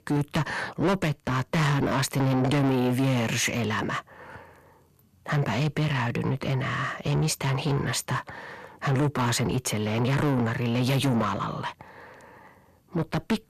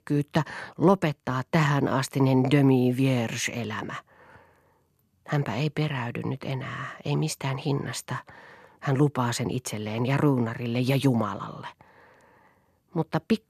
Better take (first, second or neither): second